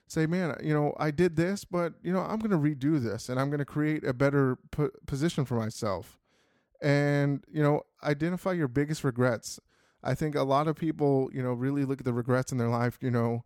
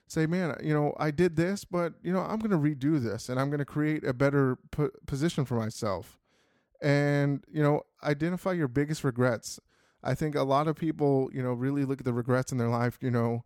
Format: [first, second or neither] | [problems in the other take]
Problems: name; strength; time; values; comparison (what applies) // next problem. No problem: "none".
neither | none